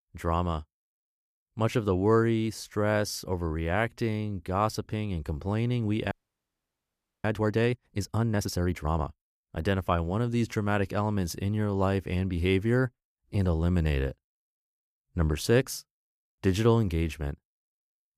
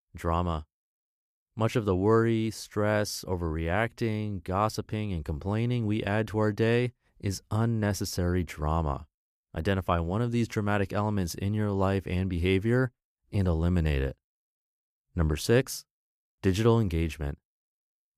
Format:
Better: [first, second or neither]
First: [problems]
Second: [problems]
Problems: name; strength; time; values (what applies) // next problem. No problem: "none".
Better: second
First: audio freezing; at 6 s for 1 s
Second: none